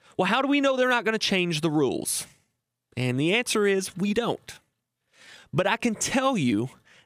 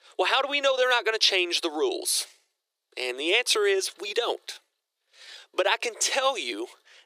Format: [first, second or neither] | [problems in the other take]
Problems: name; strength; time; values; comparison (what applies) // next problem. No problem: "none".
first | thin; very; fading below 350 Hz